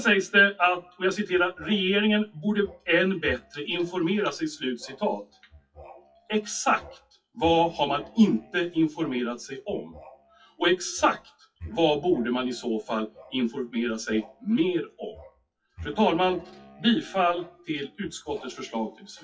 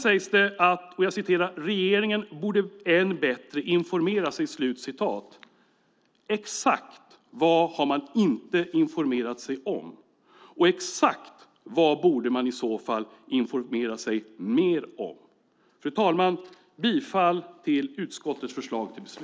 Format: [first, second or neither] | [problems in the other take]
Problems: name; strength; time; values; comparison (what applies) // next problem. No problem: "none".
second | noise reduction (classical method WPE with log-MMSE)